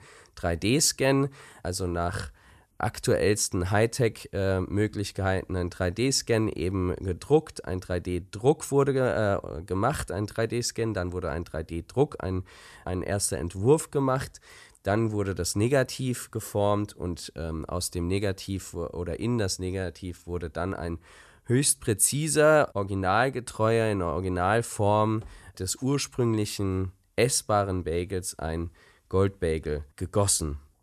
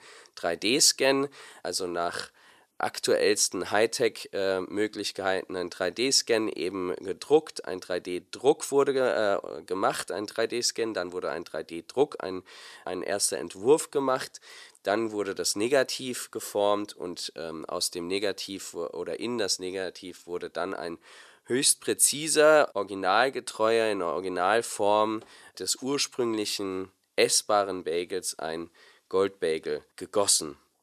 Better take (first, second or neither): first